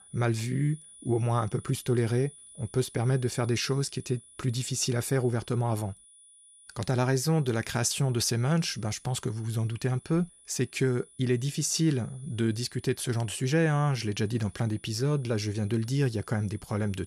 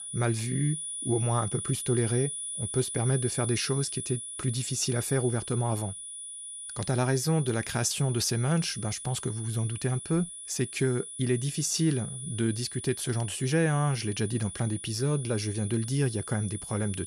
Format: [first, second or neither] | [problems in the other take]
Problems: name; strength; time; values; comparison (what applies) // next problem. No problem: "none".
first | high-pitched whine; loud; throughout; 9.5 kHz, 7 dB below the speech; faint in the first